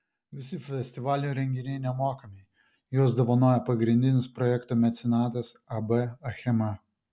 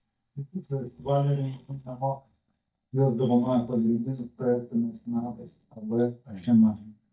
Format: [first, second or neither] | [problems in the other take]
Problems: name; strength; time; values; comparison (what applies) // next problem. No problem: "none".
first | noise reduction (neural mask model DeepFilterNet 3)